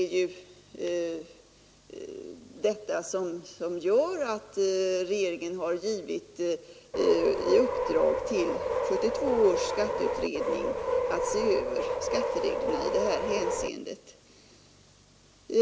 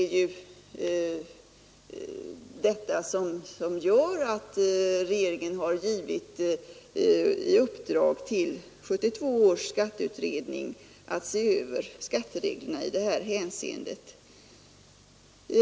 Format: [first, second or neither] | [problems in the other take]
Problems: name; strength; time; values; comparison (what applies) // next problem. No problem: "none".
second | background sound (Subway, metro, underground); as loud as the speech